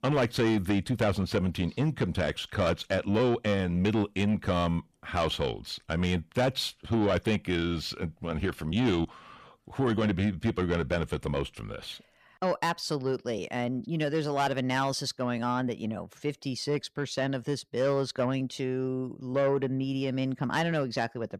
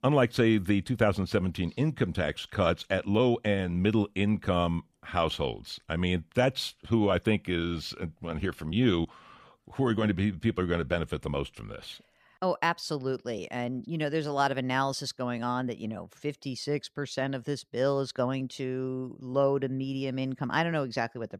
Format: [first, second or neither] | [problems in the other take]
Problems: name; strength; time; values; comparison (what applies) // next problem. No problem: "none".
second | distortion; slight; 10 dB below the speech